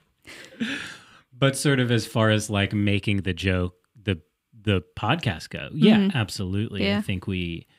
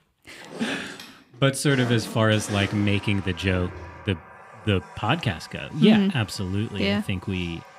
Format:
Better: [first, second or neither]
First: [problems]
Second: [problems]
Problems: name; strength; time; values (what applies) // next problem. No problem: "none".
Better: first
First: none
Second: household noises; noticeable; throughout; 15 dB below the speech